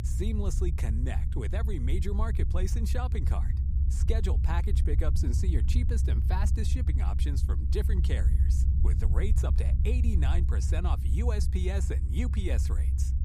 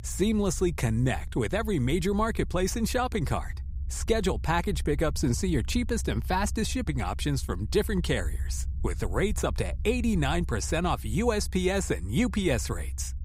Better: second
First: low rumble; loud; throughout; 5 dB below the speech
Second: low rumble; faint; throughout; 25 dB below the speech

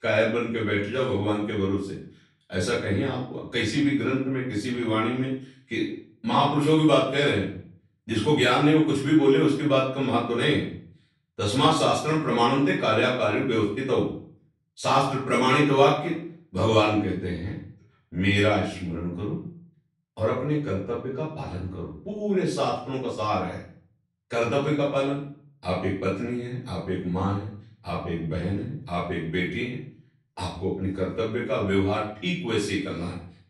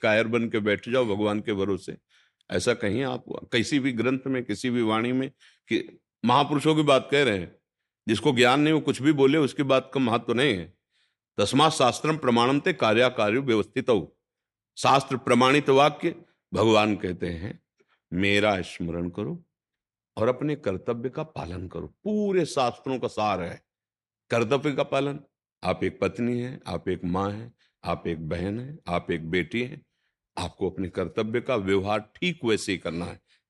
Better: second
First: off-mic speech; far // room echo; noticeable; dies away in 0.5 s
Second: none

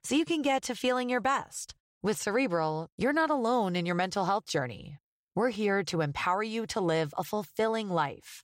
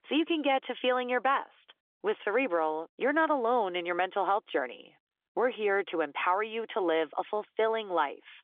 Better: first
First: none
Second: phone-call audio; nothing above 3.5 kHz

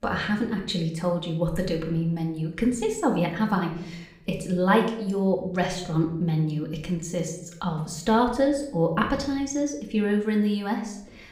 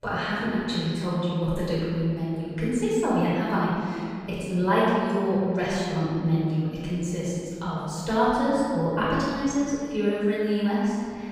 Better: first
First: room echo; slight; dies away in 0.6 s // off-mic speech; somewhat distant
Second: room echo; strong; dies away in 2.1 s // off-mic speech; far

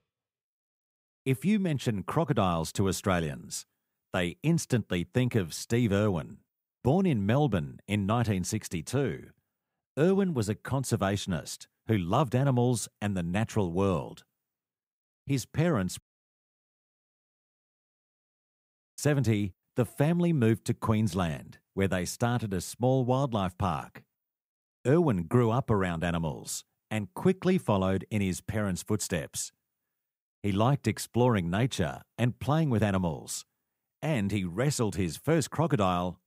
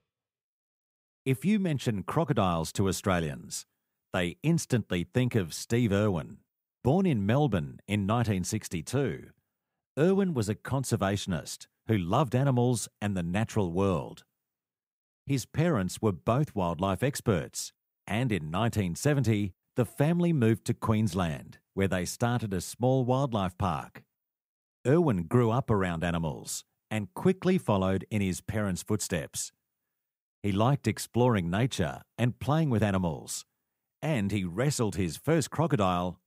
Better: second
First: audio cutting out; at 16 s for 3 s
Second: none

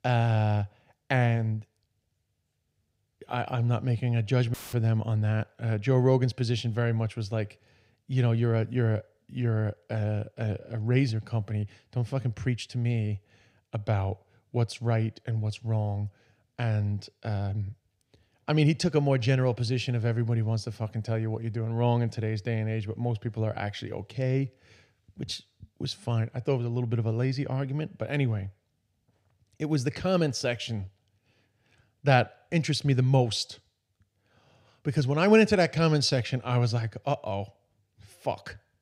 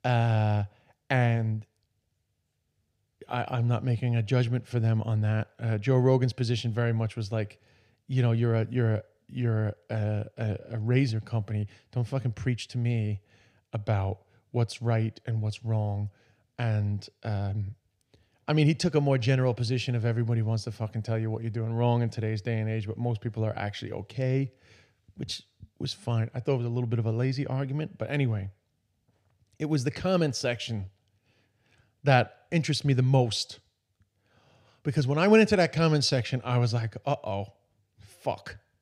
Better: second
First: audio cutting out; filled with static; at 4.5 s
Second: none

